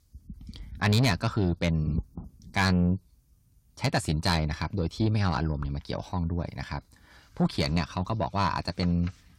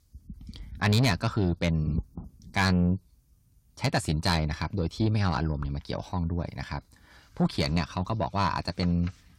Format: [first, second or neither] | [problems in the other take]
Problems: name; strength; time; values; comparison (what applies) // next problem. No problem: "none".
neither | distortion; slight; 10 dB below the speech; the same in both